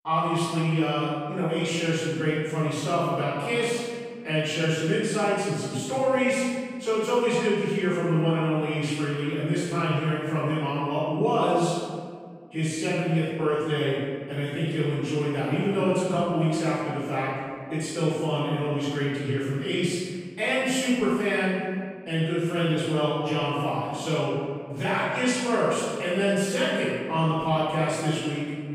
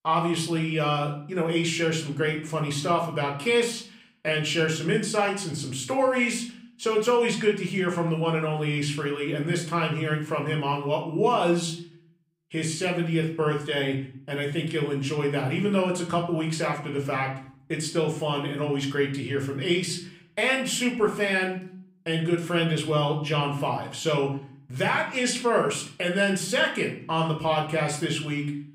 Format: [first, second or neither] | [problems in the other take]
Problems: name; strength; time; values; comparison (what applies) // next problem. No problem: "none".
second | room echo; strong; dies away in 1.7 s; slight in the second // off-mic speech; far; somewhat distant in the second